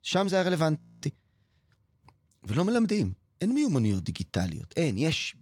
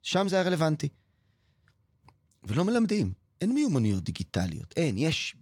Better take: second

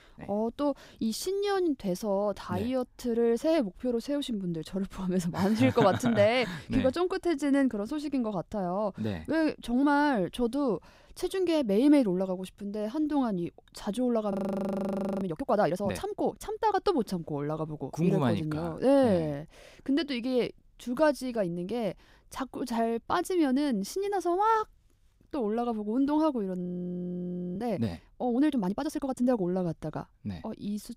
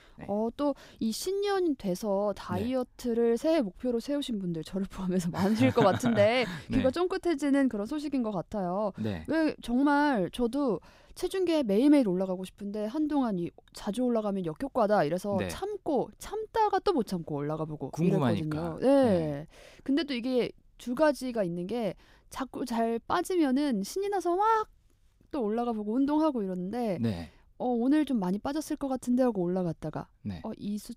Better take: second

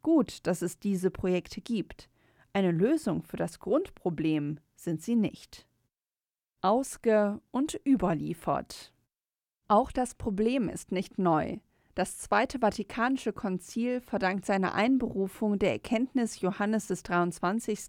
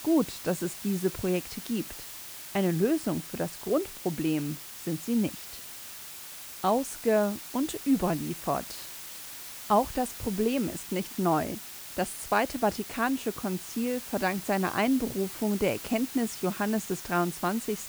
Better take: first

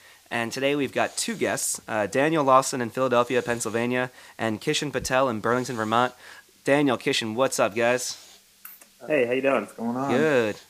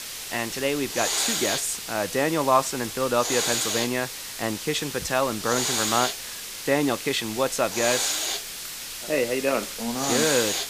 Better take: first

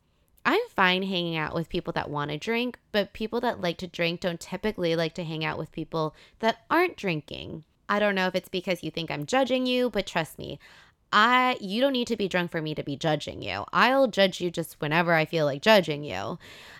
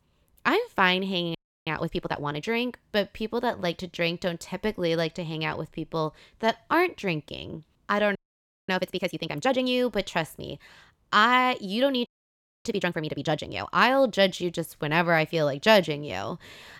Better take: first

